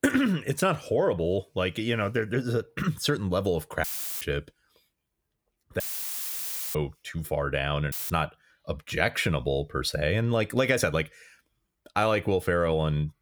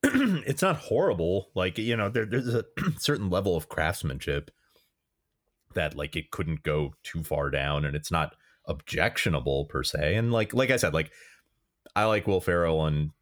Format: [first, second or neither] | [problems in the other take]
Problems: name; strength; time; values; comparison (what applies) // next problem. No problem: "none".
second | audio cutting out; filled with static; at 4 s, at 6 s for 1 s and at 8 s